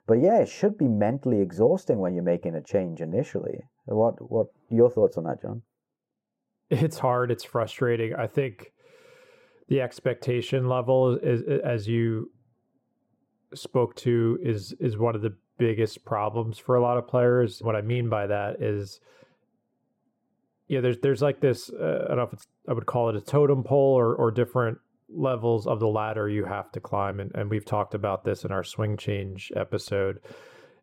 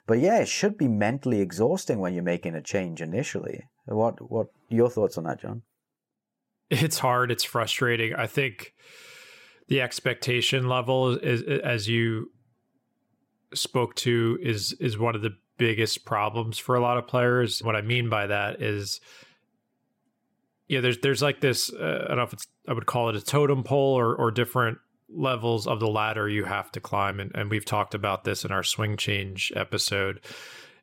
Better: second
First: muffled; slightly; fading above 1.5 kHz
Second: none

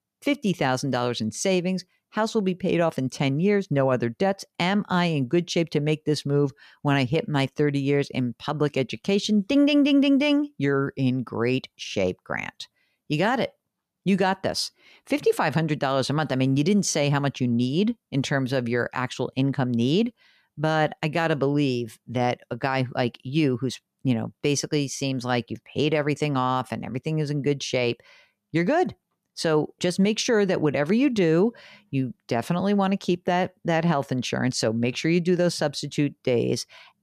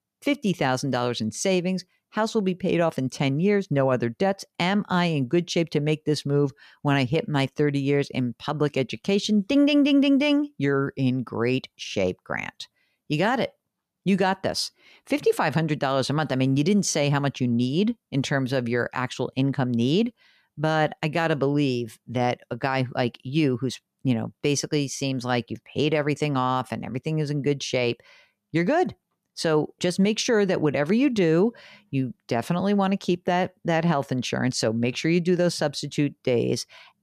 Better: neither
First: none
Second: none

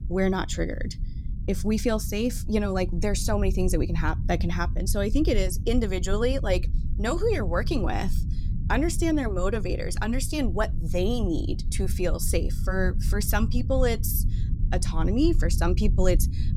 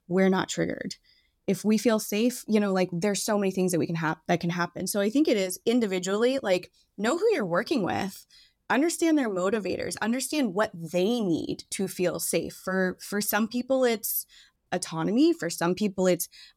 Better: second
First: low rumble; noticeable; throughout; 15 dB below the speech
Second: none

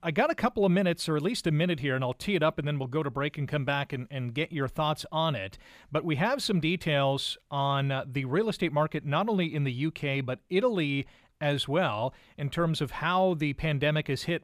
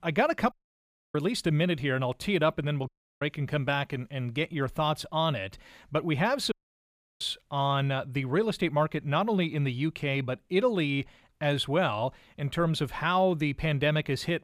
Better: first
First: none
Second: audio cutting out; at 0.5 s for 0.5 s, at 3 s and at 6.5 s for 0.5 s

